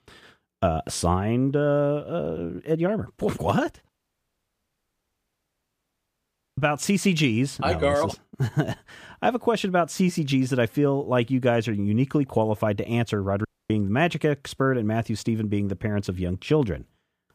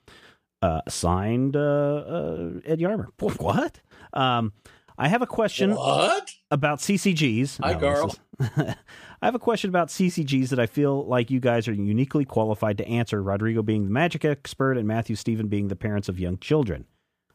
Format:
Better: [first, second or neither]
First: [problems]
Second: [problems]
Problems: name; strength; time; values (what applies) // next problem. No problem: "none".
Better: second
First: audio cutting out; at 4 s for 2.5 s and at 13 s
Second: none